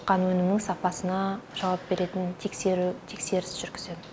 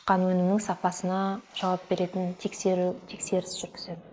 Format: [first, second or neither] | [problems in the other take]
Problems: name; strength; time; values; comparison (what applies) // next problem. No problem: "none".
first | noise reduction (neural mask model Resemble Enhance denoiser)